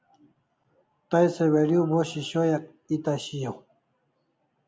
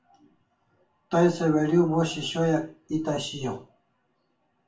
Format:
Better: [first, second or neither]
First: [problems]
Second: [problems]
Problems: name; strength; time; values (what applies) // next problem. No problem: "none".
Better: first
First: none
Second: room echo; dies away in 0.3 s